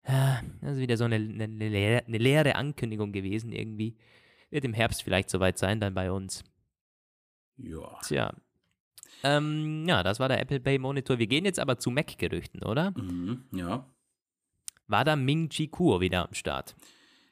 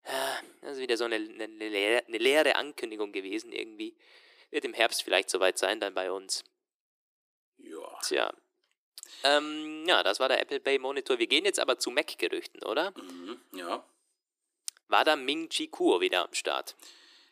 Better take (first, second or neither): first